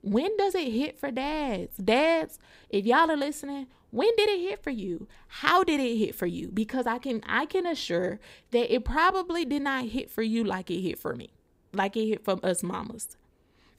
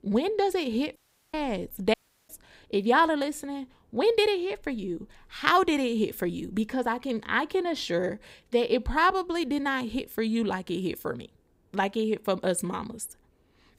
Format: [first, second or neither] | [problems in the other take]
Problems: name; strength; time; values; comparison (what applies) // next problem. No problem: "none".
first | audio cutting out; at 1 s and at 2 s